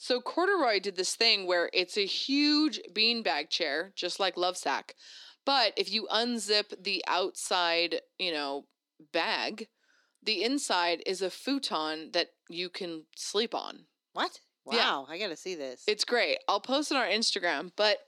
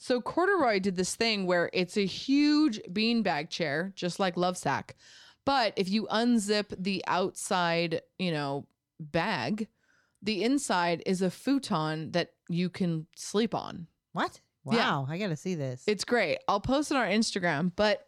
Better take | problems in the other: second | thin; very slightly; fading below 300 Hz

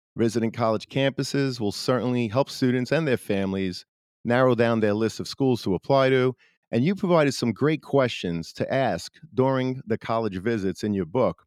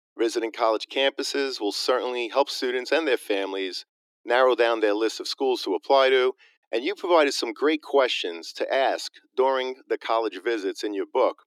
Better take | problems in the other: first | thin; very; fading below 300 Hz

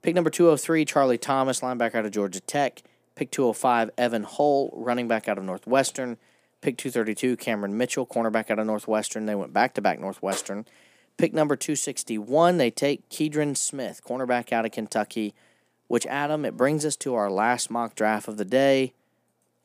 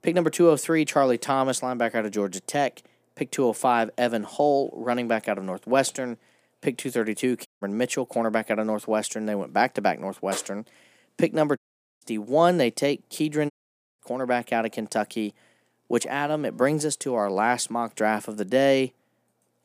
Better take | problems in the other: first | audio cutting out; at 7.5 s, at 12 s and at 14 s

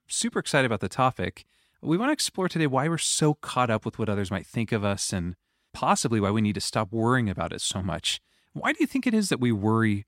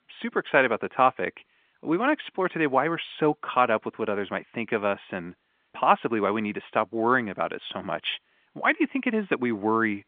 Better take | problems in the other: first | phone-call audio; nothing above 3.5 kHz

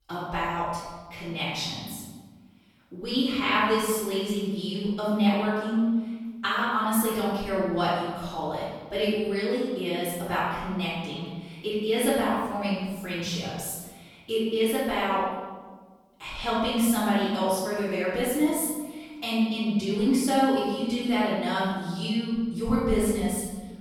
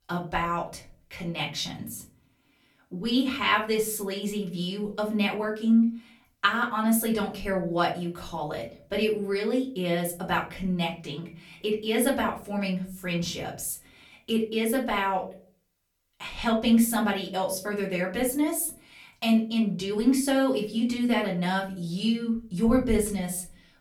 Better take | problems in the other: second | room echo; strong; dies away in 1.2 s; slight in the second // off-mic speech; far; far in the second

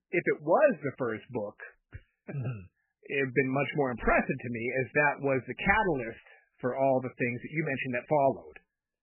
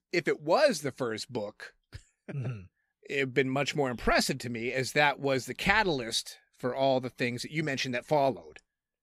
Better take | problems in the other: second | garbled, watery; badly; nothing above 2.5 kHz

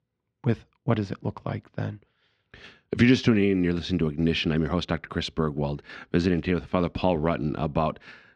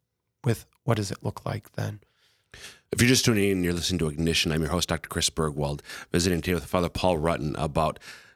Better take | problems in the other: second | muffled; slightly; fading above 3.5 kHz

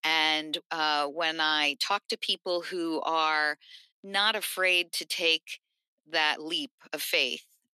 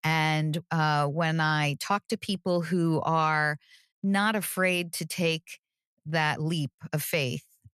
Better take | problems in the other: second | thin; very; fading below 300 Hz

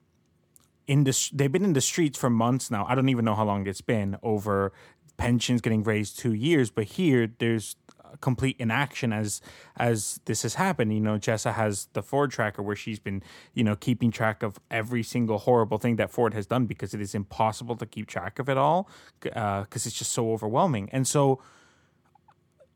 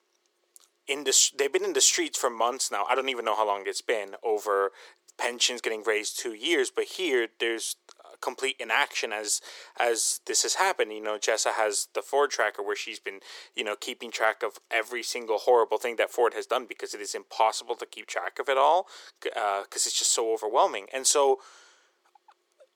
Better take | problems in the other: first | thin; very; fading below 400 Hz

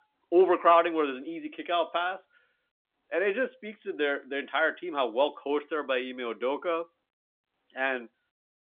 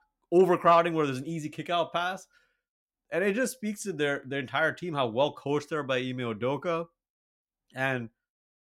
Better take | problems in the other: second | phone-call audio; nothing above 3.5 kHz

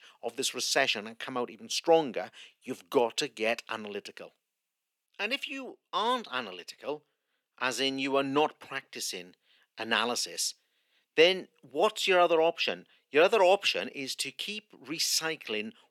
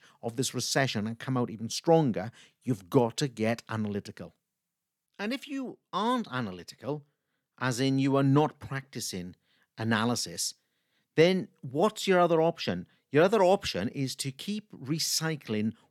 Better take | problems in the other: second | thin; somewhat; fading below 450 Hz

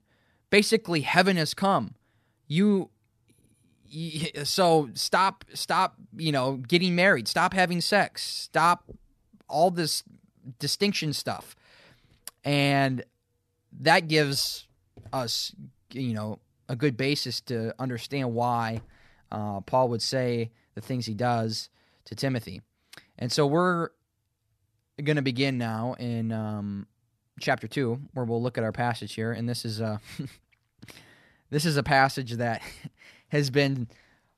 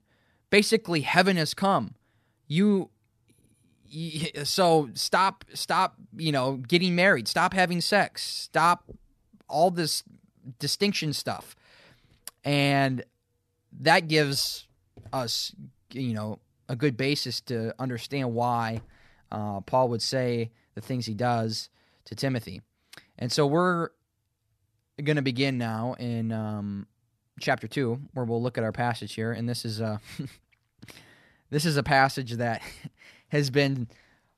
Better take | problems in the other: neither | none

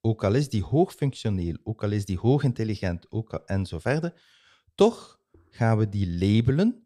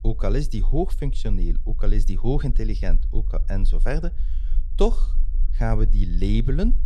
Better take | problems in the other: first | low rumble; faint; throughout; 20 dB below the speech

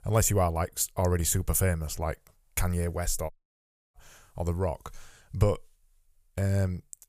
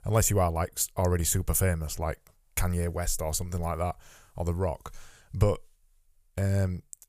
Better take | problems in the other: second | audio cutting out; at 3.5 s for 0.5 s

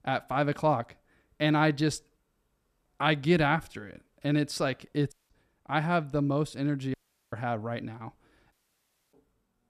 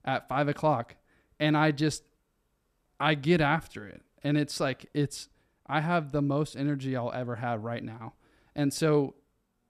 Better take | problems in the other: second | audio cutting out; at 5 s, at 7 s and at 8.5 s for 0.5 s

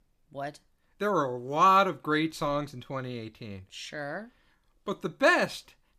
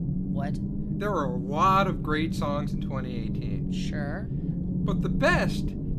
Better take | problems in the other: first | low rumble; noticeable; throughout; 10 dB below the speech

